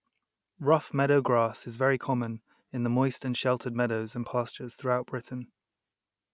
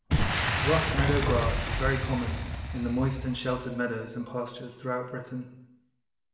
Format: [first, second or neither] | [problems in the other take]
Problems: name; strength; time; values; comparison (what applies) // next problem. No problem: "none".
first | background sound (Boom); as loud as the speech // room echo; dies away in 0.8 s